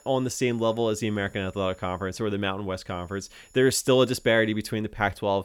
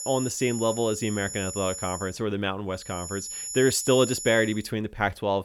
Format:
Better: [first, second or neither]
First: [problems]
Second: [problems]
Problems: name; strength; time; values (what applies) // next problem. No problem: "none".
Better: first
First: high-pitched whine; faint; until 2 s and from 3 to 4.5 s; 7 kHz, 30 dB below the speech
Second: high-pitched whine; loud; until 2 s and from 3 to 4.5 s; 7 kHz, 8 dB below the speech